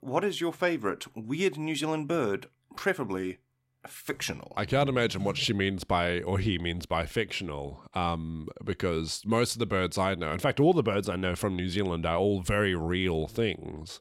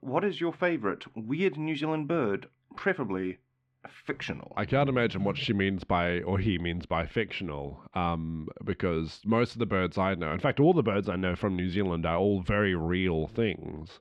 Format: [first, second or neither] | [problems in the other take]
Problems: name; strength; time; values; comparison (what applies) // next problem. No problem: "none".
first | muffled; slightly; fading above 2.5 kHz